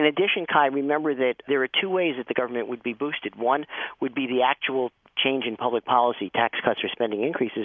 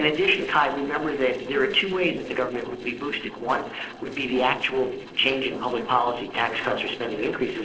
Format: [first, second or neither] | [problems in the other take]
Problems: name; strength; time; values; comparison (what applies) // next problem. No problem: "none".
first | noise reduction (neural separator model SepFormer DNS4)